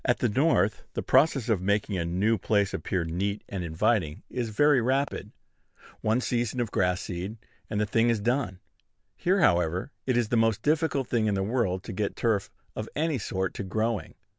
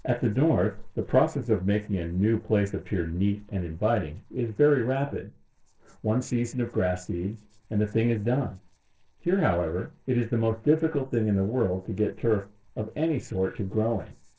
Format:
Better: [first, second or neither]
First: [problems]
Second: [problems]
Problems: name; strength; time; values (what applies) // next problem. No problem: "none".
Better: first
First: none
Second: noise reduction (neural separator model SepFormer DNS4)